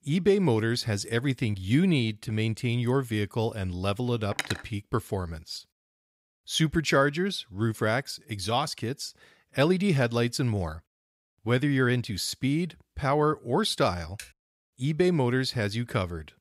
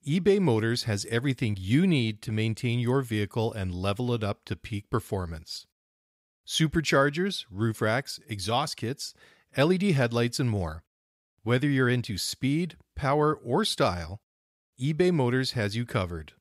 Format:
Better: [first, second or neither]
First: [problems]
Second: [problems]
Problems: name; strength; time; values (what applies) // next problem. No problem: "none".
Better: second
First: clattering dishes; noticeable; at 4.5 s; peak 6 dB below the speech // keyboard typing; faint; at 14 s; peak 20 dB below the speech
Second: none